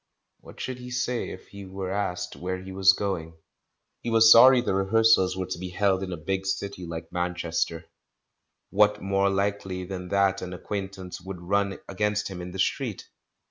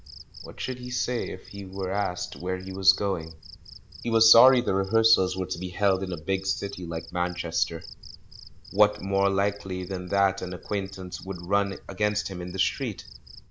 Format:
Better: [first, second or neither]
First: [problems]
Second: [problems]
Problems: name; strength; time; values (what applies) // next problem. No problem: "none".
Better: first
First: none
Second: background sound (Cricket); 18 dB below the speech